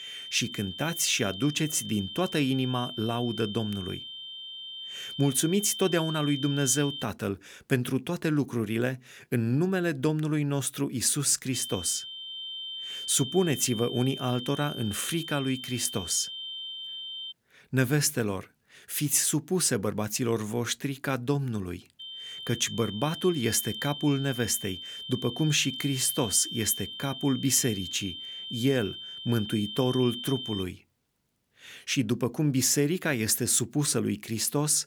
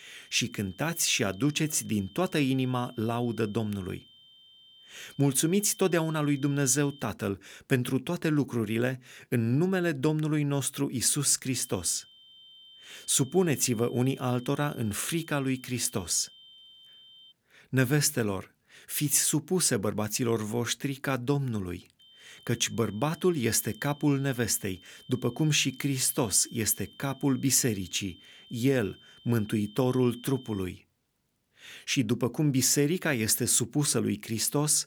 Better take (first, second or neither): second